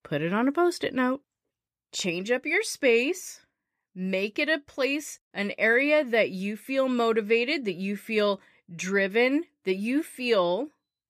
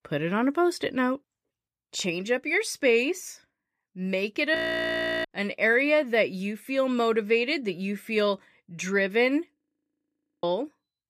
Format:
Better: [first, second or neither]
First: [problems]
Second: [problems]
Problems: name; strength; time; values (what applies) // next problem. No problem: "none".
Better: first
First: none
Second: audio freezing; at 4.5 s for 0.5 s and at 9.5 s for 1 s